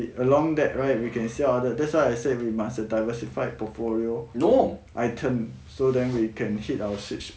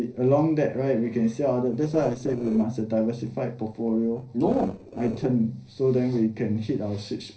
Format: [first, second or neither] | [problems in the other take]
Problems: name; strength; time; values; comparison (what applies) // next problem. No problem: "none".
first | noise reduction (neural separator model SepFormer DNS4)